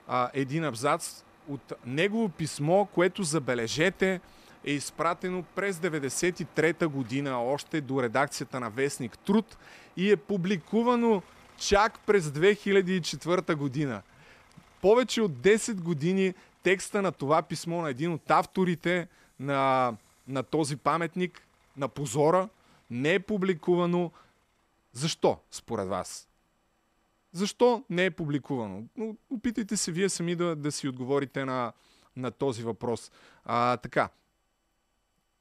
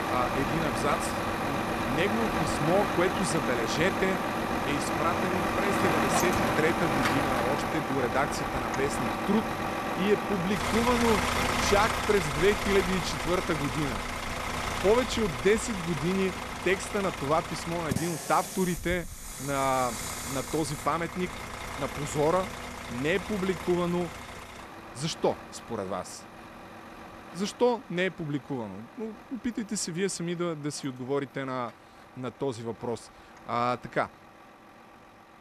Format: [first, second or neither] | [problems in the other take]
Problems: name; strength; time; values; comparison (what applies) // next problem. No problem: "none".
first | traffic noise; loud; throughout; 1 dB below the speech; faint in the first